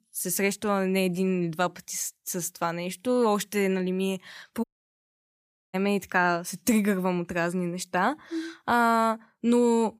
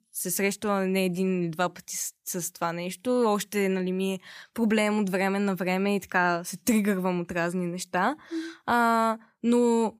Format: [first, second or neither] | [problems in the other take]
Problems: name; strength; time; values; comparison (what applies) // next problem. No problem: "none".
second | audio cutting out; at 4.5 s for 1 s